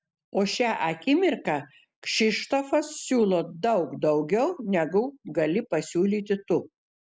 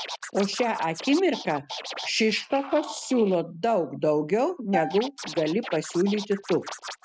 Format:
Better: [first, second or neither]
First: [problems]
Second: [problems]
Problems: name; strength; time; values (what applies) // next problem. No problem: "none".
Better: first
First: none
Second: noise reduction (neural mask model RNNoise)